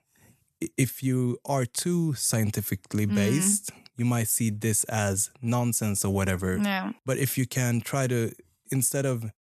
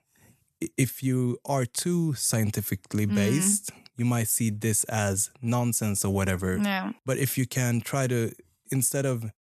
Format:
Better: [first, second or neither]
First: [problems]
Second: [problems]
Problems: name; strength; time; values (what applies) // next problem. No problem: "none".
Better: neither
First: none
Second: none